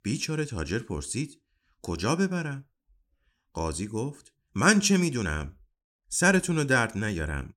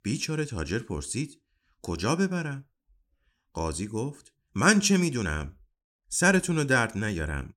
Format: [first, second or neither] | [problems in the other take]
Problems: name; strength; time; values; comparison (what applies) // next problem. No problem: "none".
neither | none